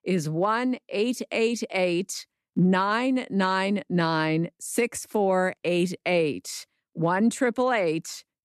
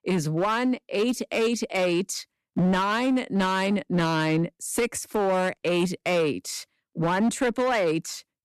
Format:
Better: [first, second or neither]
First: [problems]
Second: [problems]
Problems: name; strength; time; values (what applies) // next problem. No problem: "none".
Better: first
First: none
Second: distortion; slight; 11% of the sound clipped